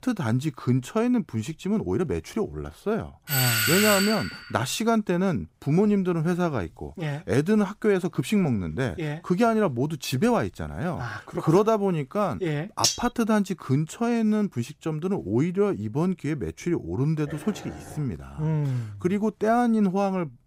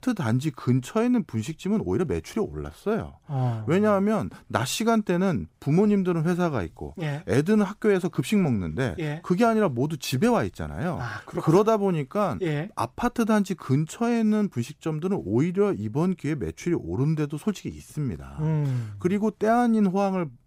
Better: second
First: doorbell; loud; from 3.5 to 4.5 s; peak 5 dB above the speech // clattering dishes; loud; at 13 s; peak 1 dB above the speech // dog barking; faint; at 17 s; peak 15 dB below the speech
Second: none

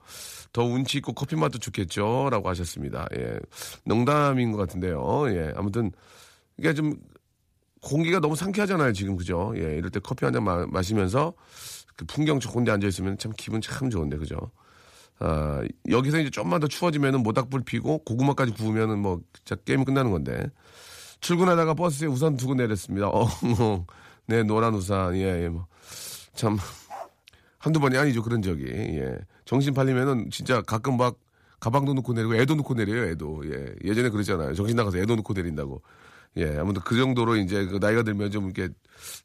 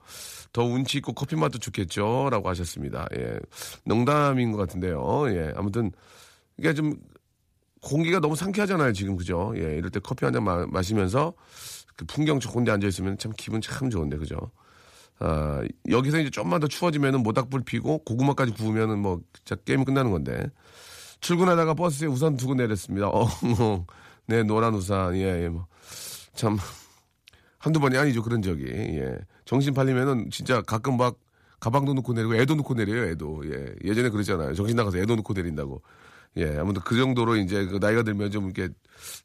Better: second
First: dog barking; faint; at 27 s; peak 15 dB below the speech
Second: none

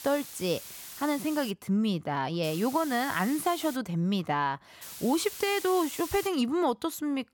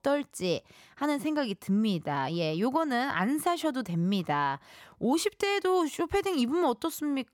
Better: second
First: hiss; noticeable; until 1.5 s, from 2.5 to 4 s and from 5 to 6.5 s; 10 dB below the speech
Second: none

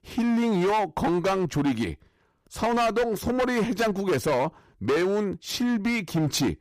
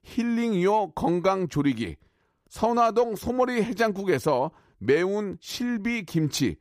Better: second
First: distortion; heavy; 17% of the sound clipped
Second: none

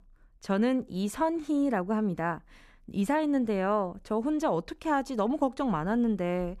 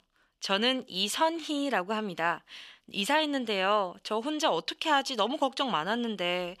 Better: first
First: none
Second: thin; somewhat; fading below 900 Hz

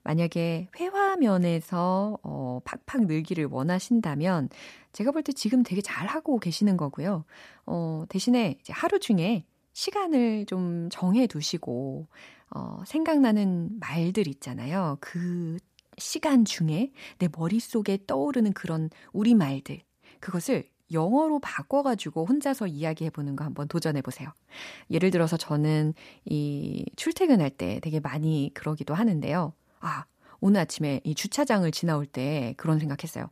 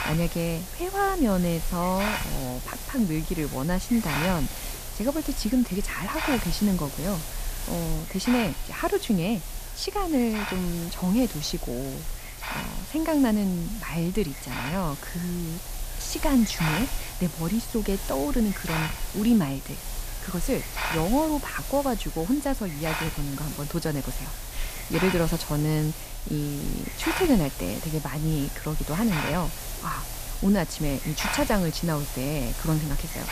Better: first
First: none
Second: hiss; loud; throughout; 6 dB below the speech

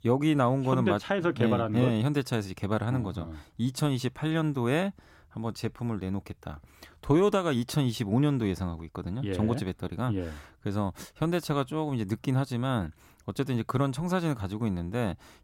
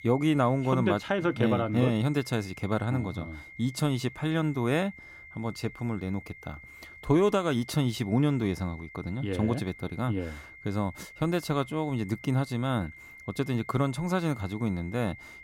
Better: first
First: none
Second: high-pitched whine; noticeable; throughout; 2 kHz, 15 dB below the speech

